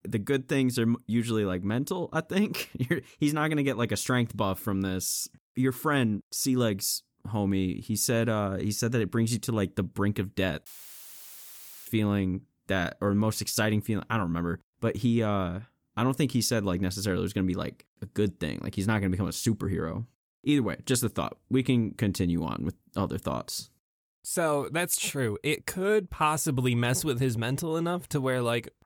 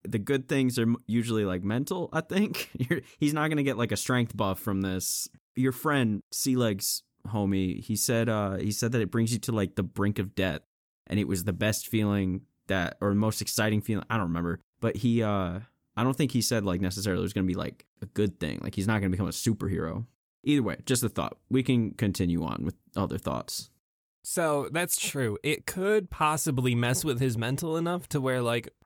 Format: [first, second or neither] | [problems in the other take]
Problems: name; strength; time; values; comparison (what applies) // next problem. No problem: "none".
second | audio cutting out; filled with static; at 11 s for 1 s